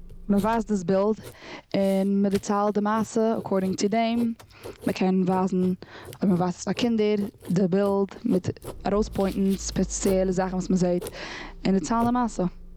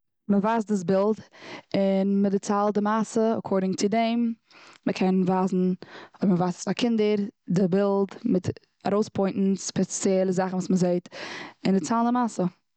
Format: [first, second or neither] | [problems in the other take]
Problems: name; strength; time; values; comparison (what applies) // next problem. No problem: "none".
second | background sound (Writing + Idling / Engine starting / Motor vehicle (road)); 17 dB below the speech